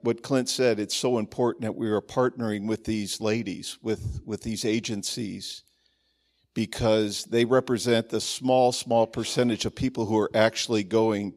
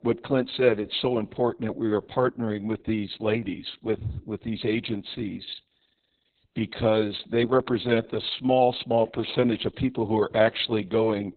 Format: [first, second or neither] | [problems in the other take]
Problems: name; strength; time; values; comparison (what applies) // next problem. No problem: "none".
first | garbled, watery; badly; nothing above 4 kHz